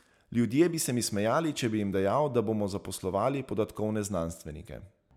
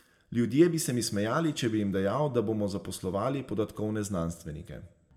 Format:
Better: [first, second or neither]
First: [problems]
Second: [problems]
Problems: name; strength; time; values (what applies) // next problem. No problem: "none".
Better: first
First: none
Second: room echo; dies away in 0.5 s